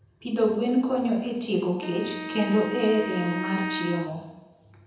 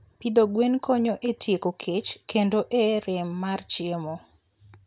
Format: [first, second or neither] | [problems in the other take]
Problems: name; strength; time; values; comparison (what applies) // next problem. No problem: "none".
second | background sound (Wind instrument, woodwind instrument); 8 dB below the speech // room echo; dies away in 0.9 s